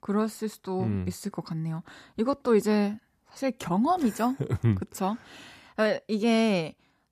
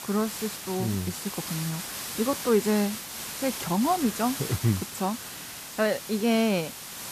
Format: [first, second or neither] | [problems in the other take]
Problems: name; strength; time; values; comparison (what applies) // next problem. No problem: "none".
first | hiss; loud; throughout; 7 dB below the speech